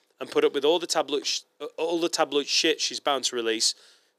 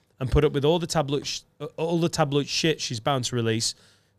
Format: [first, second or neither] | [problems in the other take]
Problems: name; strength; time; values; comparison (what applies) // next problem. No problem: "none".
second | thin; somewhat; fading below 350 Hz